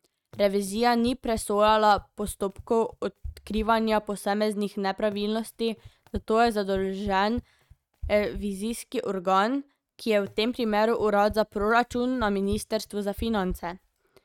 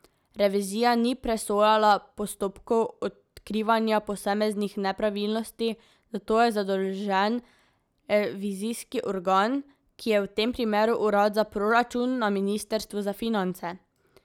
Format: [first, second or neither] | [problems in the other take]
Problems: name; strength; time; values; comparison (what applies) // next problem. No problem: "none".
second | noise reduction (neural mask model RNNoise)